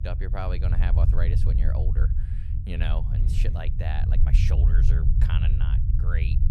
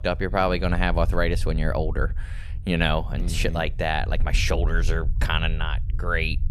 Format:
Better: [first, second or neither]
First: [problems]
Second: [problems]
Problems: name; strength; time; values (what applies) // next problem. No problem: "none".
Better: second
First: low rumble; loud; throughout; 3 dB below the speech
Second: low rumble; faint; throughout; 20 dB below the speech